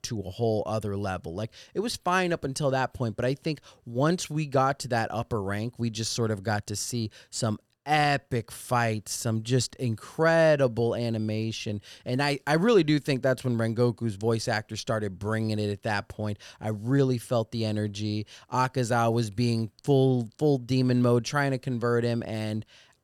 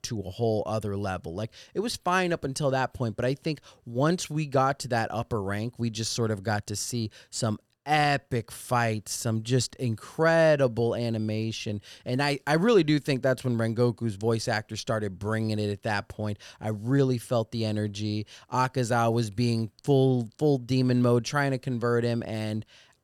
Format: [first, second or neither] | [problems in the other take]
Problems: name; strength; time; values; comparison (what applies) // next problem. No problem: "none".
neither | none